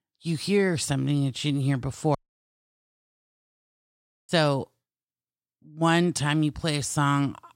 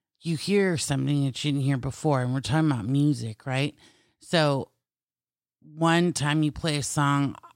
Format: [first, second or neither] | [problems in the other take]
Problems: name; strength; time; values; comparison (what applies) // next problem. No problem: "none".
second | audio cutting out; at 2 s for 2 s